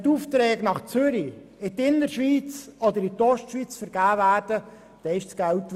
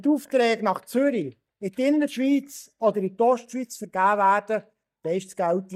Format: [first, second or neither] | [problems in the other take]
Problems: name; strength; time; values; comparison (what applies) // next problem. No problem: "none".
first | noise reduction (neural mask model DeepFilterNet 3)